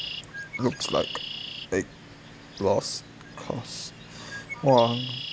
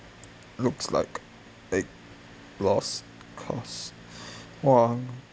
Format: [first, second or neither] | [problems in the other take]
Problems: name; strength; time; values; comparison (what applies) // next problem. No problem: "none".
second | background sound (Bird); 10 dB below the speech